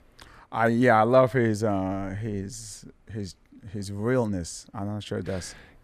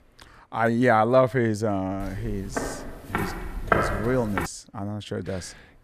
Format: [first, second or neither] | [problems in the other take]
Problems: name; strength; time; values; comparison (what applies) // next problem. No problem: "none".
first | footsteps; loud; from 2 to 4.5 s; peak 2 dB above the speech